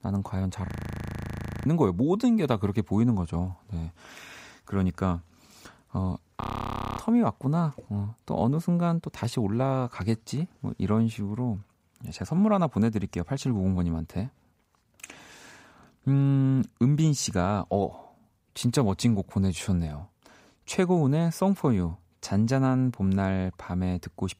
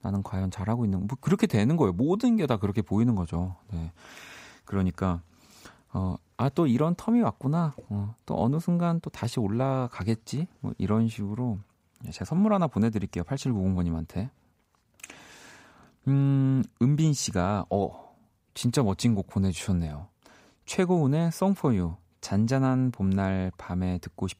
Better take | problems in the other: second | audio freezing; at 0.5 s for 1 s and at 6.5 s for 0.5 s

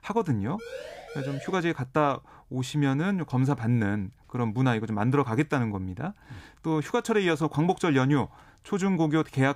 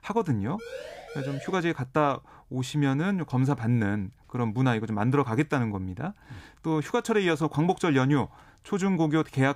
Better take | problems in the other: neither | siren; faint; at 0.5 s; peak 10 dB below the speech; the same in both

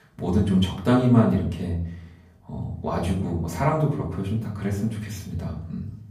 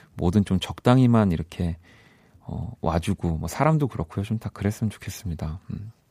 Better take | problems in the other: second | off-mic speech; far // room echo; slight; dies away in 0.5 s

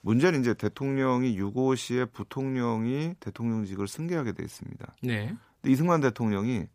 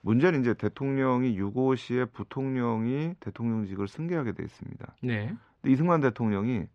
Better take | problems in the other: first | muffled; slightly; fading above 3 kHz

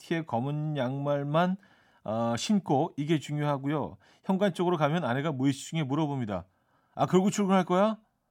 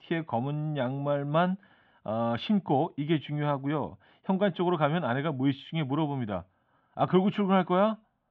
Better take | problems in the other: first | muffled; very; fading above 3.5 kHz

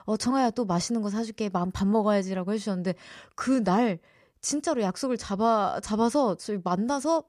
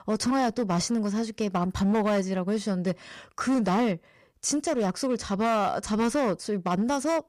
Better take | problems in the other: first | distortion; slight; 10% of the sound clipped

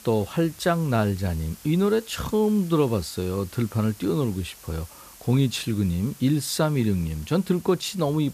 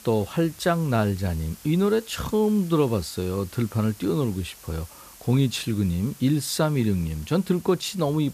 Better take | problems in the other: neither | hiss; faint; throughout; 20 dB below the speech; the same in both

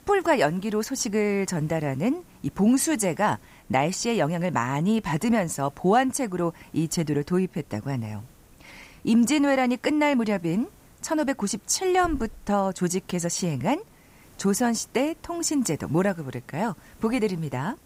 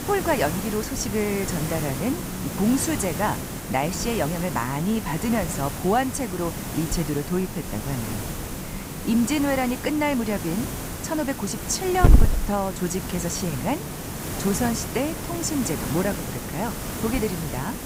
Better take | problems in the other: first | hiss; loud; throughout; 3 dB below the speech; faint in the first

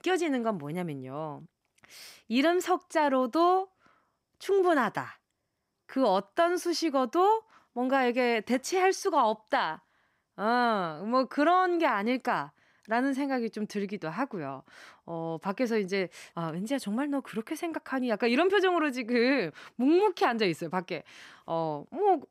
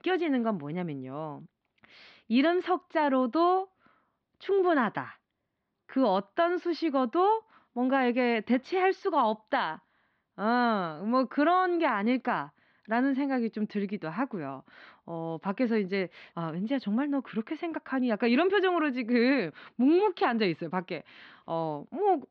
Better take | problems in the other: first | muffled; very slightly; fading above 4 kHz

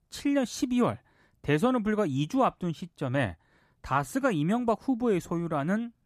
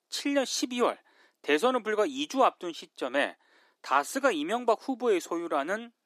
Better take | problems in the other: first | thin; somewhat; fading below 300 Hz

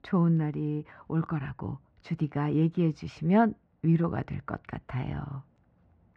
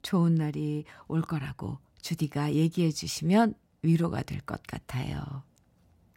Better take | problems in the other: second | muffled; very; fading above 1.5 kHz

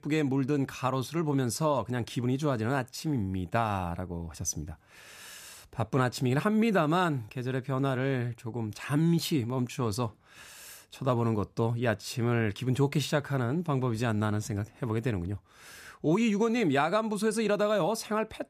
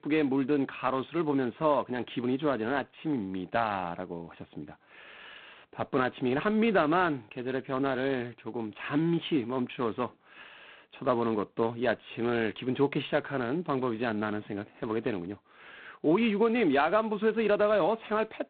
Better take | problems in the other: first | phone-call audio; poor line; nothing above 4 kHz

